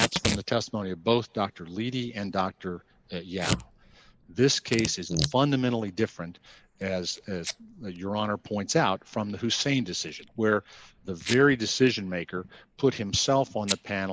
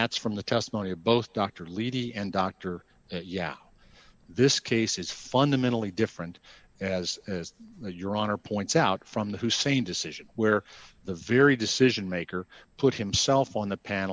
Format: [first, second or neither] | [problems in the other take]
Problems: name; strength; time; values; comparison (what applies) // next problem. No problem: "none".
second | noise reduction (neural mask model Resemble Enhance denoiser)